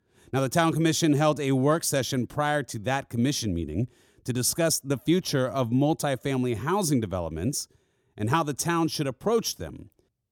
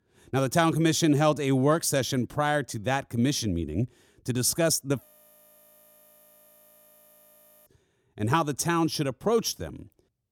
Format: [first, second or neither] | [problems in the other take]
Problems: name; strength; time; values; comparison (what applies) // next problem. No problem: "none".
first | audio freezing; at 5 s for 2.5 s